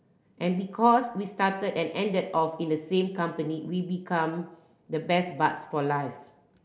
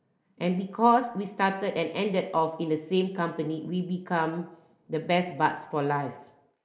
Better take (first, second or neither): first